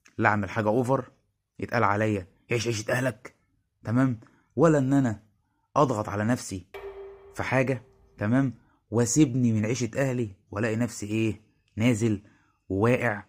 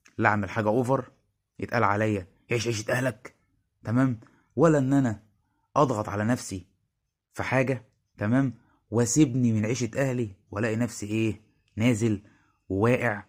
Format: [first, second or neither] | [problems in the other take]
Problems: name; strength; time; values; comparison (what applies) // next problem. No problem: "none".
second | clattering dishes; faint; from 6.5 to 8 s; peak 15 dB below the speech